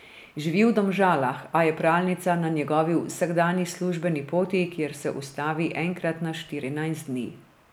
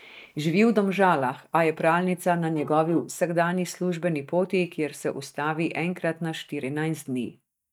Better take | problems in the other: first | noise reduction (neural mask model DeepFilterNet 3)

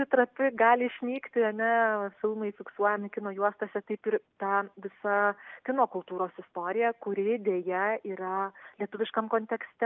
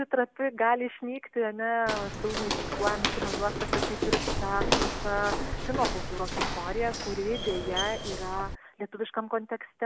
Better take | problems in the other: first | background sound (Walk, footsteps); 1 dB below the speech

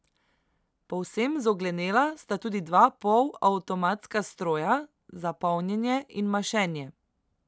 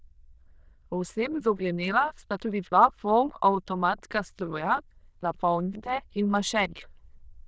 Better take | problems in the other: first | noise reduction (neural diffusion model UNIVERSE++)

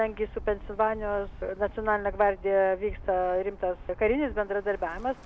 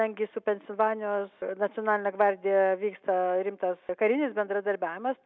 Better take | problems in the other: second | background sound (Bird); 14 dB below the speech

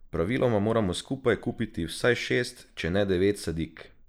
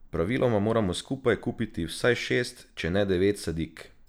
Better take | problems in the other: second | noise reduction (neural mask model Resemble Enhance denoiser)

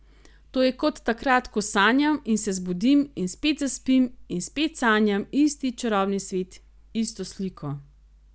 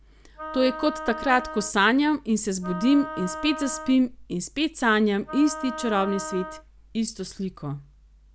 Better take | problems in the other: first | background sound (Wind instrument, woodwind instrument); 12 dB below the speech

